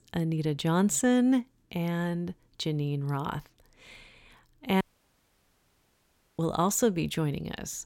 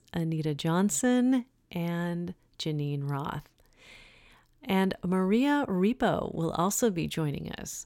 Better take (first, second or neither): second